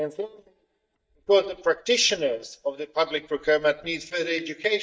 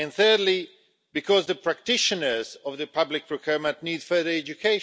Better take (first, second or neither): second